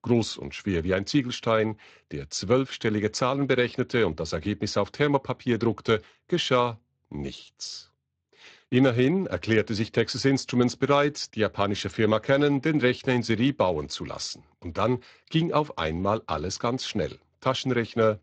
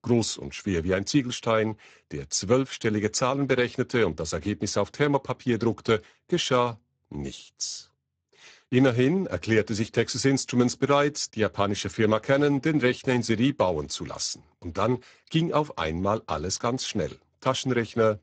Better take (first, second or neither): first